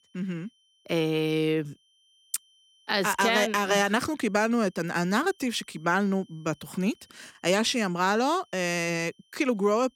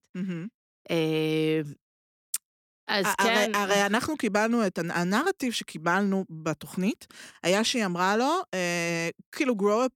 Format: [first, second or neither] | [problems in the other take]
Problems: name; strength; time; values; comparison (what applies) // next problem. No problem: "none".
second | high-pitched whine; faint; throughout; 3 kHz, 35 dB below the speech